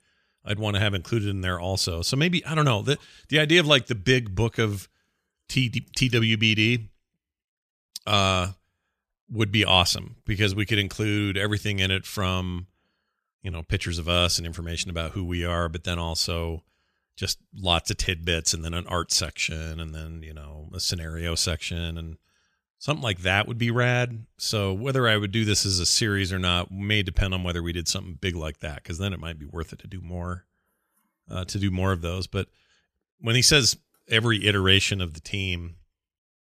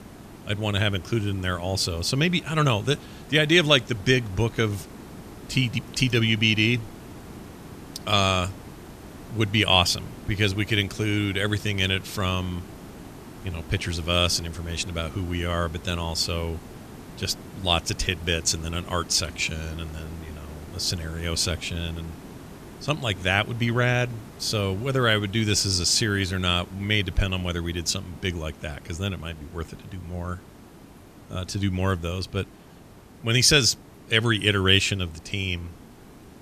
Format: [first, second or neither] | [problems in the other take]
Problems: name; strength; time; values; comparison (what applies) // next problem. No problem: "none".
first | hiss; noticeable; throughout; 20 dB below the speech